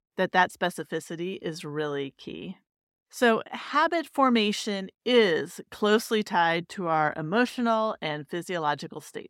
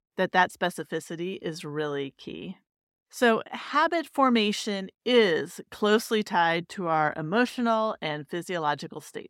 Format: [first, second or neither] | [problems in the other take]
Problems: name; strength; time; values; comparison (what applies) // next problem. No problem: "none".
neither | none